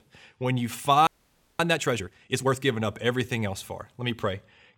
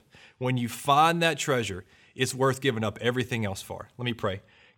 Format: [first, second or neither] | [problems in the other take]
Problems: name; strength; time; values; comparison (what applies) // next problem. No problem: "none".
second | audio freezing; at 1 s for 0.5 s